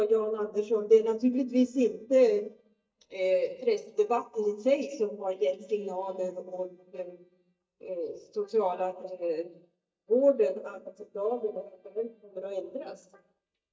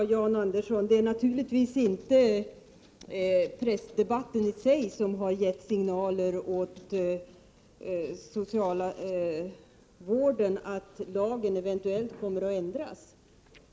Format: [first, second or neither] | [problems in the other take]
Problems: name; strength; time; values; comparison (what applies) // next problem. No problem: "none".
second | noise reduction (neural mask model DeepFilterNet 3)